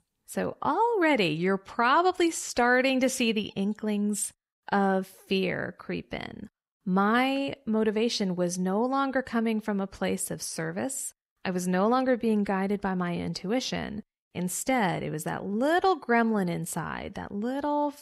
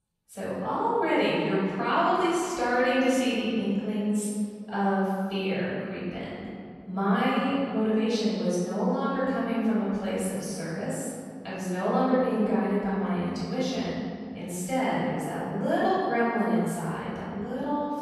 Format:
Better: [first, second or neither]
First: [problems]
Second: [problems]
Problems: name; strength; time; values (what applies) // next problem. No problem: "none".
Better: first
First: none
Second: off-mic speech; far // room echo; strong; dies away in 2.2 s